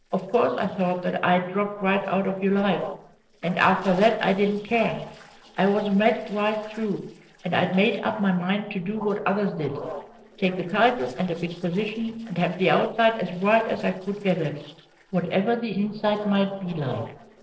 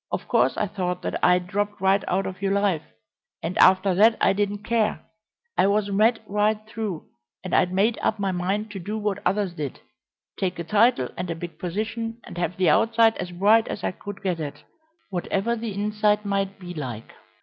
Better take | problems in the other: second | noise reduction (neural separator model SepFormer DNS4)

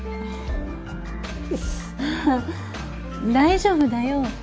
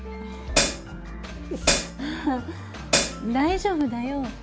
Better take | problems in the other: first | background sound (Hi-hat); 4 dB above the speech

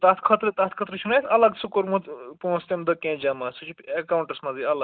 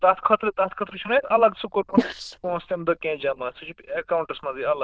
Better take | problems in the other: first | noise reduction (neural diffusion model UNIVERSE++)

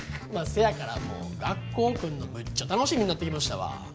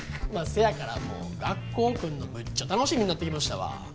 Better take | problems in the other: first | background sound (Chewing, mastication); 15 dB below the speech

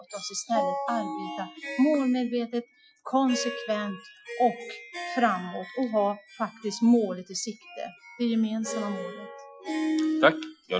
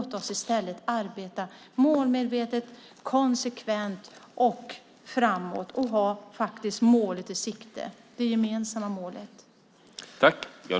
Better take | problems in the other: second | noise reduction (classical method Wiener filter)

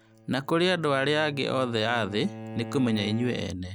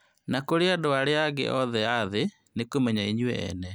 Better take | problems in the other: second | background sound (Bowed string instrument); 14 dB below the speech

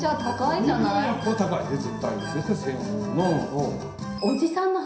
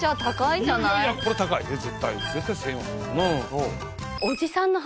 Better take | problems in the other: second | room echo; dies away in 0.7 s

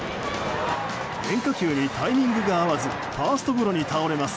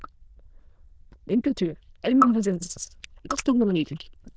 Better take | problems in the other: first | noise reduction (neural diffusion model UNIVERSE++)

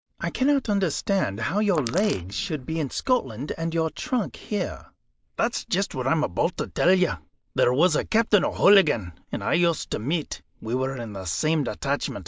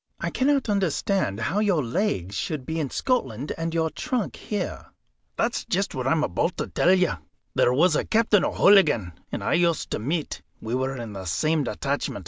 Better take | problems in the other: second | noise reduction (neural mask model Resemble Enhance denoiser)

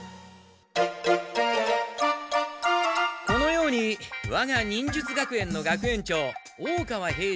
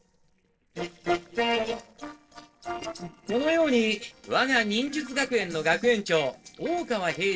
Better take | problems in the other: first | noise reduction (neural separator model SepFormer DNS4)

